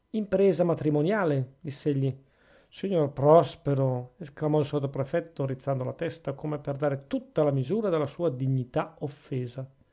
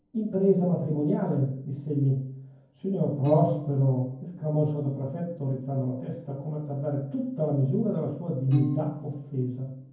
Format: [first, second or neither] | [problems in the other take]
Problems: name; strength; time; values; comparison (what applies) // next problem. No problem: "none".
first | background sound (Piano); 12 dB below the speech // room echo; dies away in 0.9 s